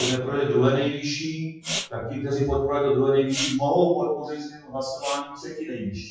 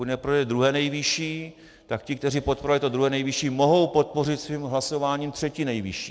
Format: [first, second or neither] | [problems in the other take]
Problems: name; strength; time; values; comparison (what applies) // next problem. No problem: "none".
second | noise reduction (classical method WPE with log-MMSE)